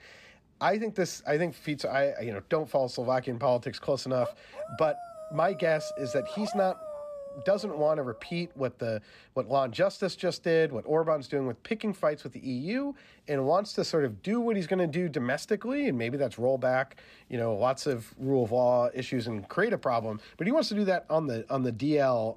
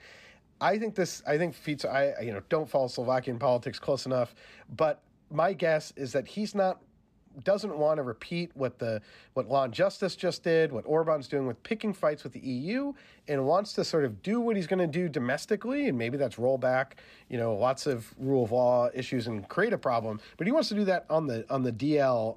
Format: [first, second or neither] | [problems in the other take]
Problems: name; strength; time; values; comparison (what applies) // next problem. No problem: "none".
second | dog barking; noticeable; from 4 to 8.5 s; peak 7 dB below the speech